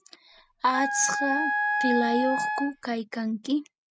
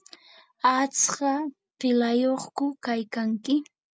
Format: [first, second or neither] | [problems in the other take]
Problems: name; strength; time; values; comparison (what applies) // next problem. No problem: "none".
second | background sound (Wind instrument, woodwind instrument); as loud as the speech